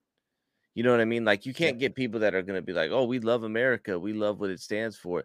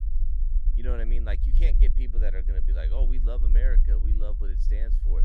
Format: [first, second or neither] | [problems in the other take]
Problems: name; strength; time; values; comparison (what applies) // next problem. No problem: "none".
first | low rumble; loud; throughout; 8 dB below the speech